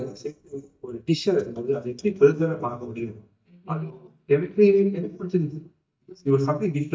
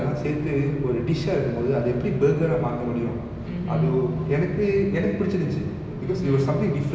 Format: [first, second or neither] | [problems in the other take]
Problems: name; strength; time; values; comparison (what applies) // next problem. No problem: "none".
second | noise reduction (neural mask model DeepFilterNet 3)